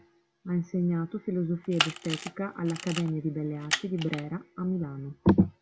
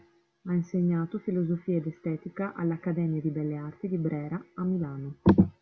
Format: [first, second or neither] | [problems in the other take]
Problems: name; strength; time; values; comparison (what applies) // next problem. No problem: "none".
second | background sound (Camera); 6 dB below the speech